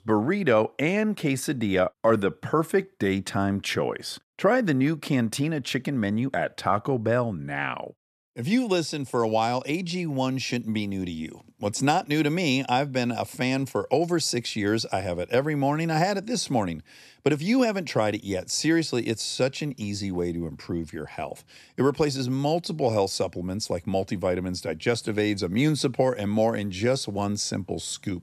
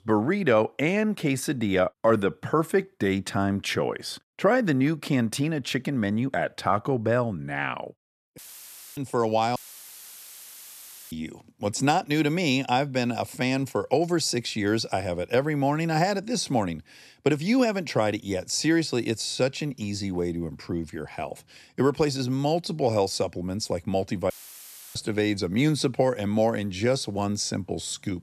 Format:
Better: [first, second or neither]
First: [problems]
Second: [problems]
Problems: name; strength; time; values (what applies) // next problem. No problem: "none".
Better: first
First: none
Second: audio cutting out; filled with static; at 8.5 s for 0.5 s, at 9.5 s for 1.5 s and at 24 s for 0.5 s